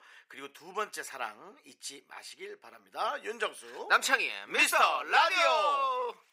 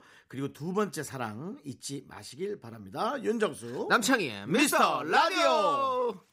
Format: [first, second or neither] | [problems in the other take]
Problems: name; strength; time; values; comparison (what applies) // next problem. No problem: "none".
second | thin; very; fading below 700 Hz